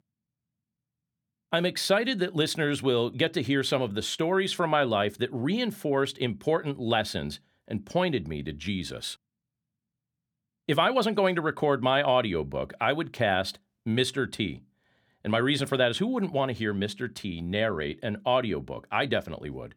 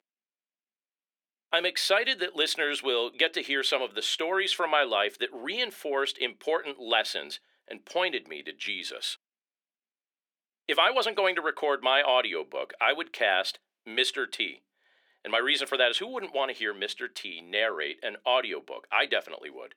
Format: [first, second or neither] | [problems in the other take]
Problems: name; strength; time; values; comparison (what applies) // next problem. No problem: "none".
first | thin; very; fading below 350 Hz